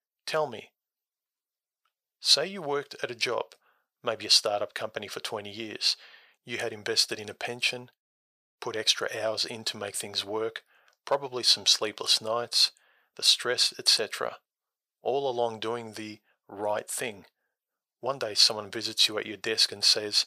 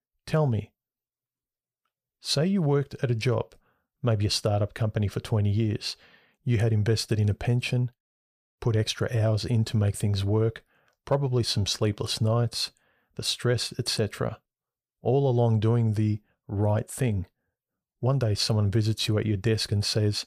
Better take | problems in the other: second | thin; very; fading below 650 Hz

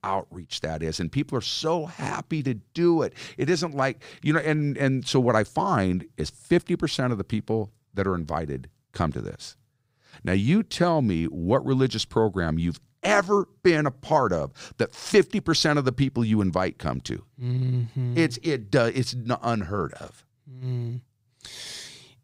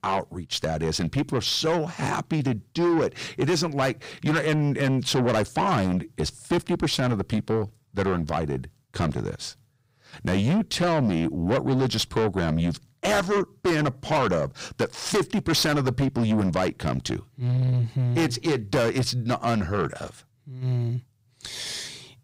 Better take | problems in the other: first | distortion; heavy; 7 dB below the speech

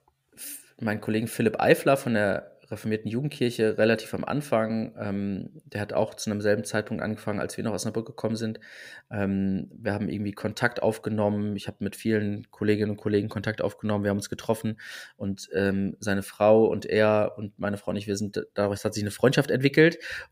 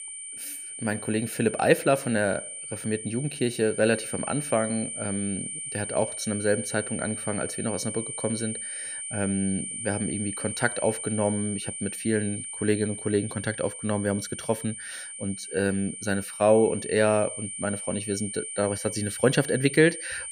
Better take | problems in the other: first | high-pitched whine; loud; throughout; 9 kHz, 6 dB below the speech

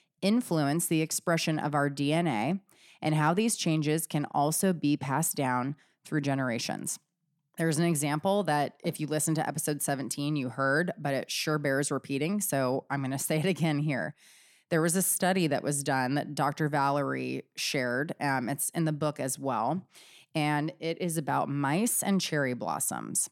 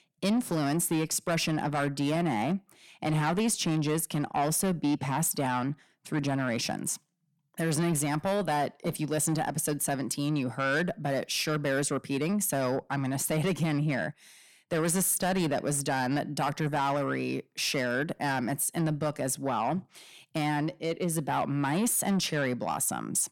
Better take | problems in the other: first | distortion; slight; 10 dB below the speech

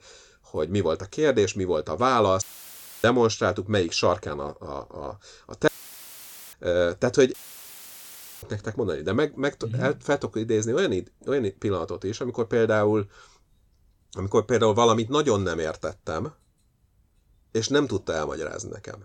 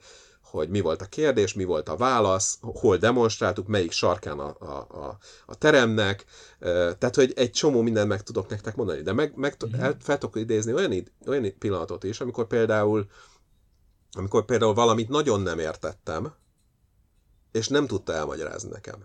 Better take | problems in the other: second | audio cutting out; filled with static; at 2.5 s for 0.5 s, at 5.5 s for 1 s and at 7.5 s for 1 s

